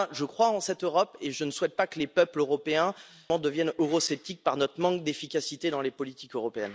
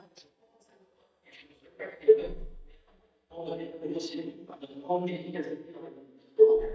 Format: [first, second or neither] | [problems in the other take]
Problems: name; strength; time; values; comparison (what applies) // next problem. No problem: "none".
first | noise reduction (neural mask model DeepFilterNet 3)